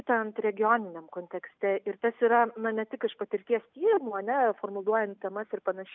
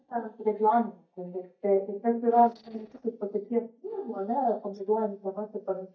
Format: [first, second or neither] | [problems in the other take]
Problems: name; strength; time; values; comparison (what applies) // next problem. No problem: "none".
first | noise reduction (neural mask model DeepFilterNet 3)